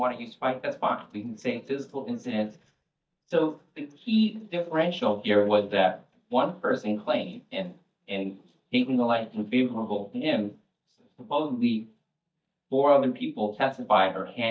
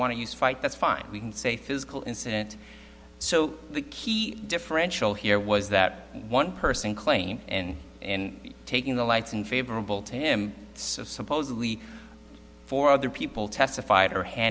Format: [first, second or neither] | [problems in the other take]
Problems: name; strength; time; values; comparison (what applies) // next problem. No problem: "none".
second | noise reduction (neural mask model DeepFilterNet 3)